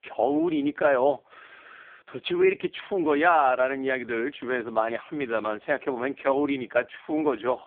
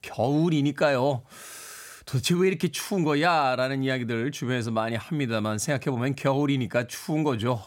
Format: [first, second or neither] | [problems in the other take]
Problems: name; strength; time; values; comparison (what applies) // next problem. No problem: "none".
second | phone-call audio; poor line; nothing above 3.5 kHz